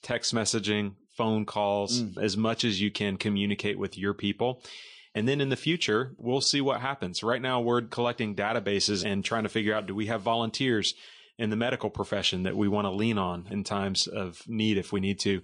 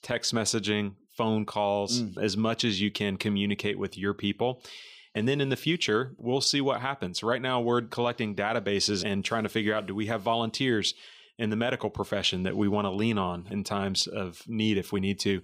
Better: second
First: garbled, watery; slightly; nothing above 9 kHz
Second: none

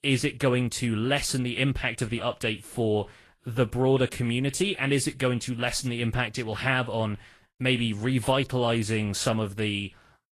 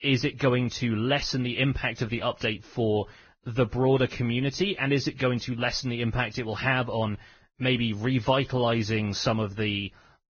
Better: first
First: garbled, watery; slightly; nothing above 12.5 kHz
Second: garbled, watery; badly; nothing above 6.5 kHz

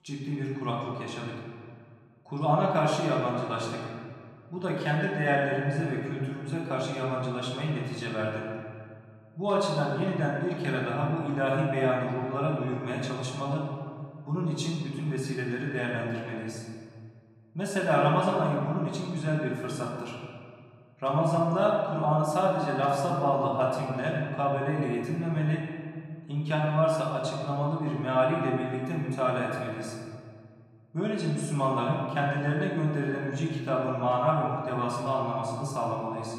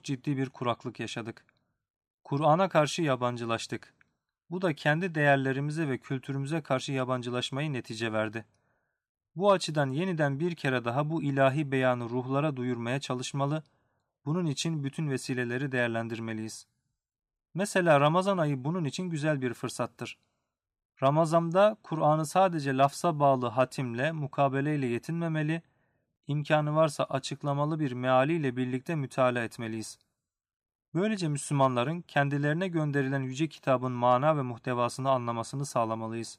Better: second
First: off-mic speech; far // room echo; noticeable; dies away in 1.8 s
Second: none

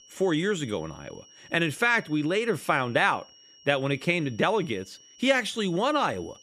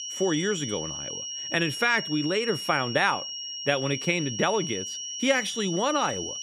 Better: first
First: high-pitched whine; faint; throughout; 5.5 kHz, 25 dB below the speech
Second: high-pitched whine; loud; throughout; 5.5 kHz, 6 dB below the speech

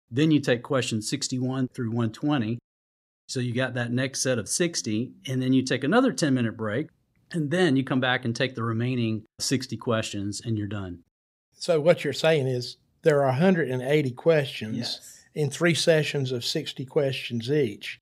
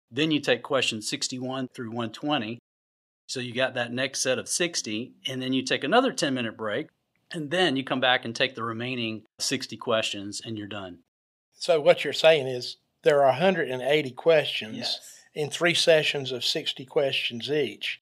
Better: first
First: none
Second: thin; somewhat; fading below 350 Hz

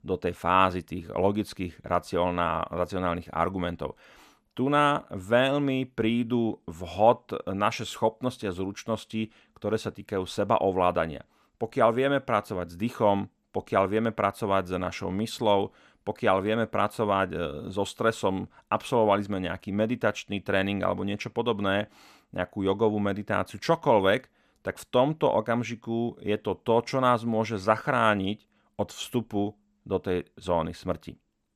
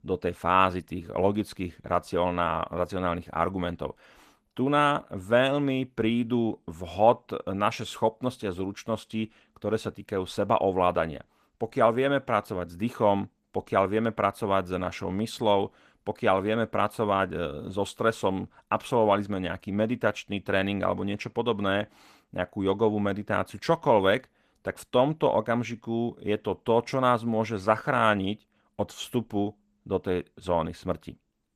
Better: first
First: none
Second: garbled, watery; slightly; nothing above 14.5 kHz

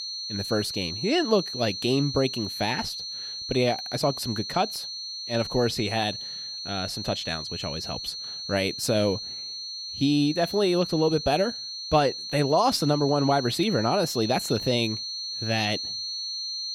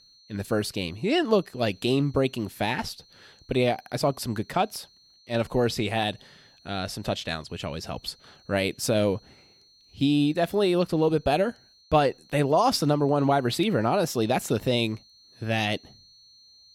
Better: second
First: high-pitched whine; loud; throughout; 4.5 kHz, 6 dB below the speech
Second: high-pitched whine; faint; throughout; 4.5 kHz, 30 dB below the speech

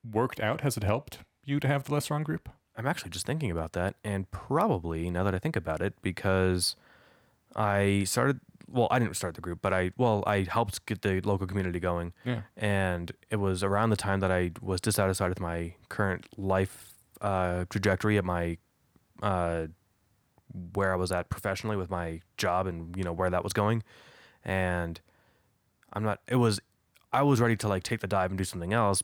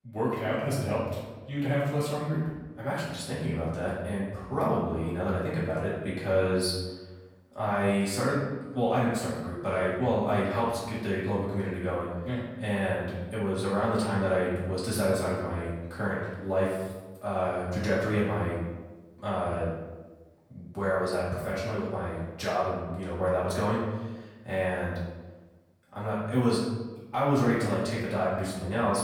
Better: first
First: none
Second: room echo; noticeable; dies away in 1 s // off-mic speech; far

